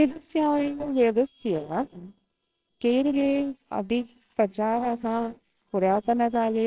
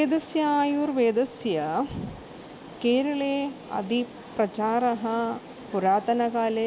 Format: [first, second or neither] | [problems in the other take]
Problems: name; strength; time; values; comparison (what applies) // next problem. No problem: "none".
second | noise reduction (neural separator model SepFormer WHAMR!)